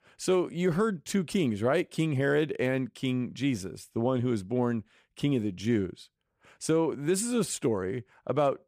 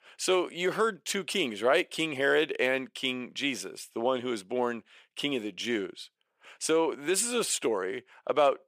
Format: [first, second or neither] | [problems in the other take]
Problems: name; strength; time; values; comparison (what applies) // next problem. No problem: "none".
first | thin; somewhat; fading below 450 Hz